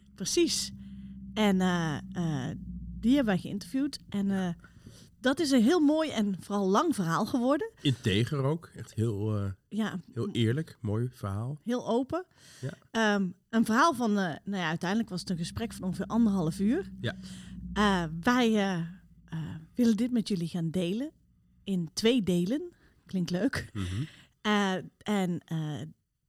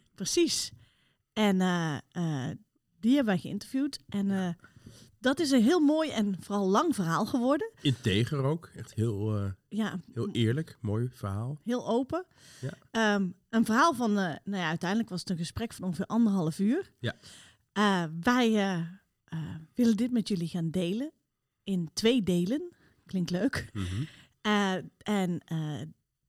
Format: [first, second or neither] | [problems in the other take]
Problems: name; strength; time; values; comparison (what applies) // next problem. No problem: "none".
second | low rumble; faint; throughout; 25 dB below the speech